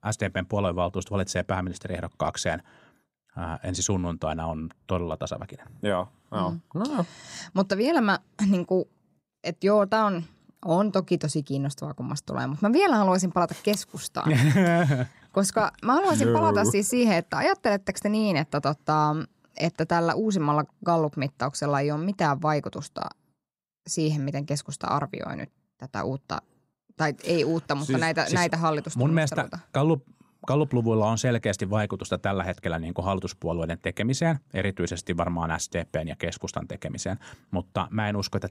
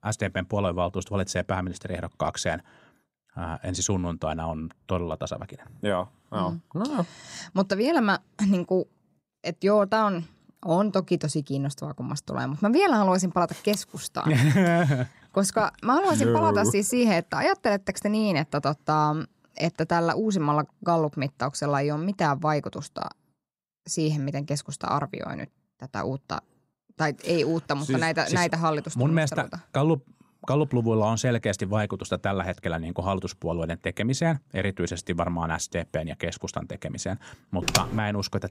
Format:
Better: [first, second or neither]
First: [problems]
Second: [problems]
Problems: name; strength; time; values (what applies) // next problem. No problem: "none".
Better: first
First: none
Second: keyboard typing; loud; at 38 s; peak 1 dB above the speech